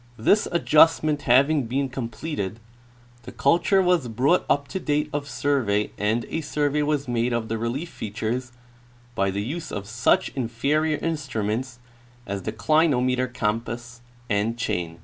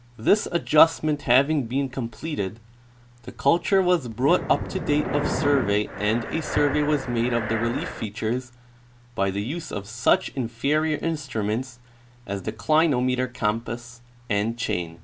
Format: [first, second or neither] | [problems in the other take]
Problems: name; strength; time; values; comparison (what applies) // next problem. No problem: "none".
first | background sound (Breathing); 5 dB below the speech